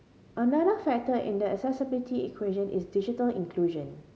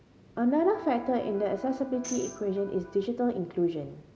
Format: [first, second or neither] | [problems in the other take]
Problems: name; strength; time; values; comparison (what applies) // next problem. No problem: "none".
first | background sound (Tambourine + Electric guitar); 16 dB below the speech